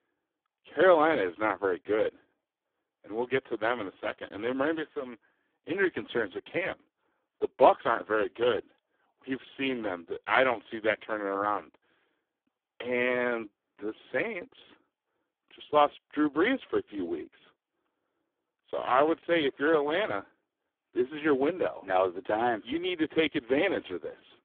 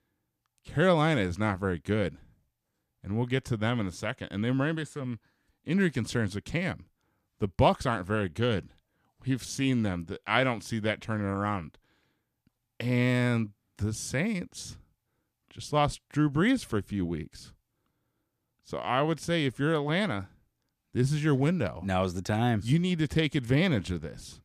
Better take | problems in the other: second | phone-call audio; poor line

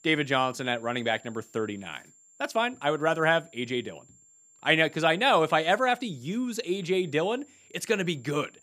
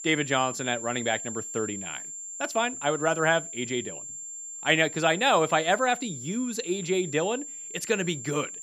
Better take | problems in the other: first | high-pitched whine; loud; throughout; 7.5 kHz, 9 dB below the speech; faint in the first

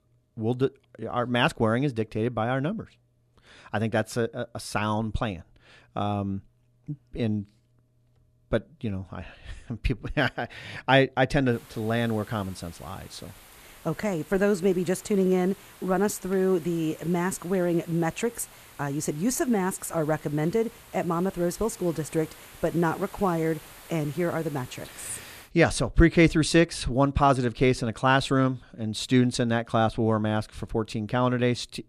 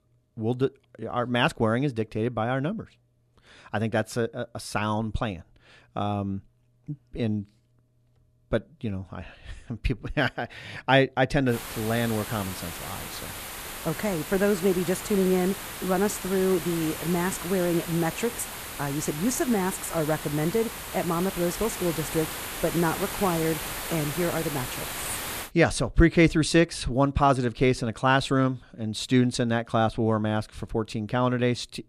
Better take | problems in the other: first | hiss; loud; from 12 to 25 s; 8 dB below the speech; faint in the first

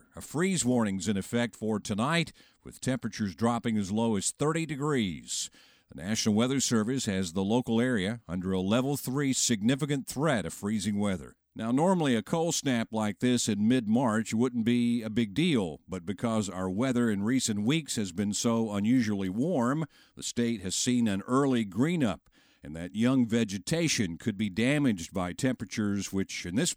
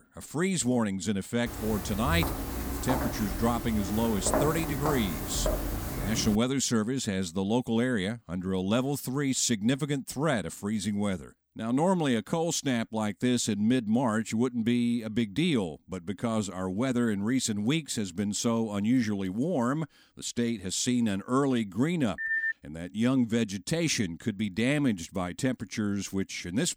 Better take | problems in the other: first | footsteps; loud; from 1.5 to 6.5 s; peak level with the speech // phone ringing; loud; at 22 s; peak 1 dB above the speech

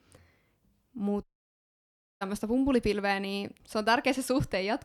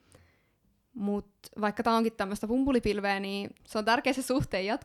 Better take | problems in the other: second | audio cutting out; at 1 s for 1 s

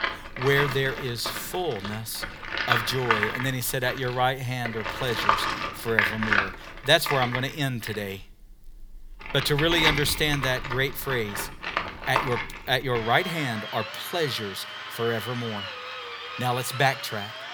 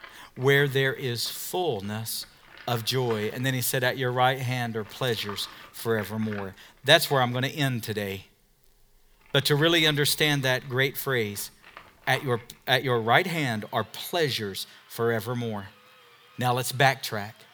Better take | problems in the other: second | machinery noise; loud; throughout; 3 dB below the speech; faint in the second

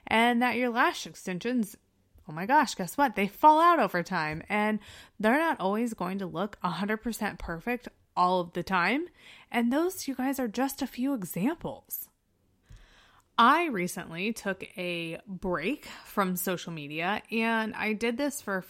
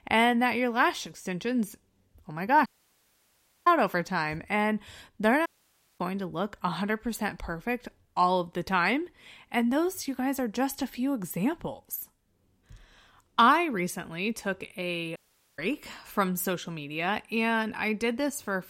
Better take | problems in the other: first | audio cutting out; at 2.5 s for 1 s, at 5.5 s for 0.5 s and at 15 s

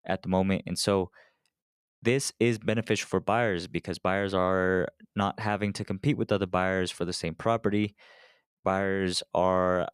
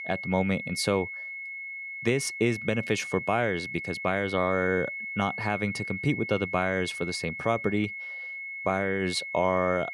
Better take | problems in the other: first | high-pitched whine; loud; throughout; 2 kHz, 6 dB below the speech

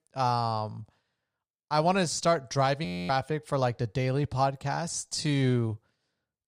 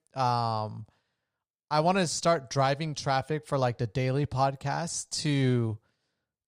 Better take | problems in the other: second | audio freezing; at 3 s

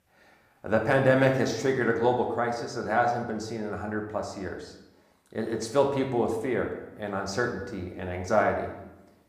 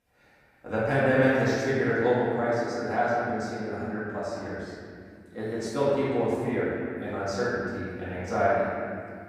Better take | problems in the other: first | room echo; strong; dies away in 2.4 s; slight in the first // off-mic speech; far

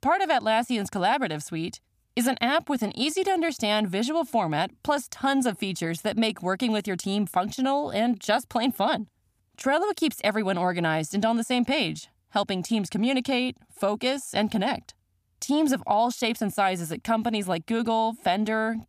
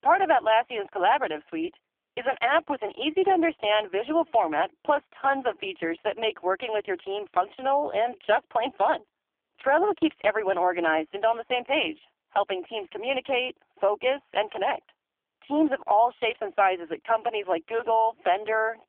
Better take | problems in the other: first | phone-call audio; poor line; nothing above 3.5 kHz

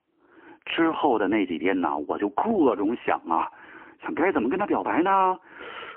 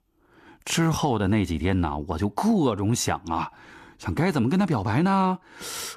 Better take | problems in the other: second | phone-call audio; poor line; nothing above 3 kHz

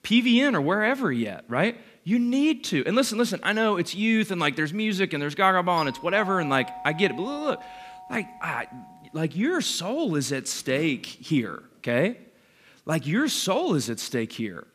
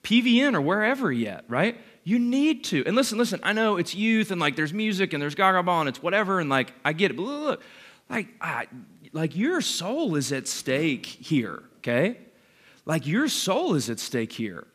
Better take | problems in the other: second | doorbell; faint; from 6 to 9 s; peak 10 dB below the speech

